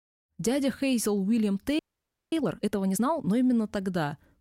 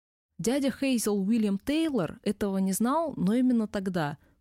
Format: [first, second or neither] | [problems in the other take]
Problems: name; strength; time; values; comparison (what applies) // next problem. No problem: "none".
second | audio freezing; at 2 s for 0.5 s